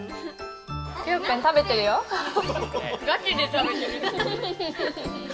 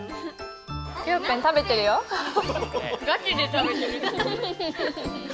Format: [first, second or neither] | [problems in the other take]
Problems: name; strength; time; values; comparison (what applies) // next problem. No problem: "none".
second | room echo; dies away in 1.9 s